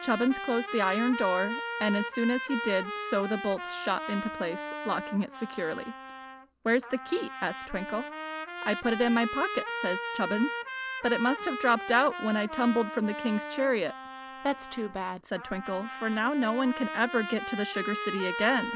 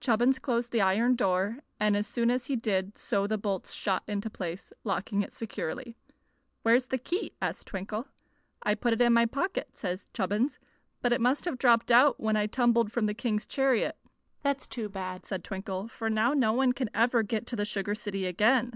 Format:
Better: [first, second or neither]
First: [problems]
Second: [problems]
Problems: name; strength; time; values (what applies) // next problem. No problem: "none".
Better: second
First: background sound (Trumpet); 7 dB below the speech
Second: none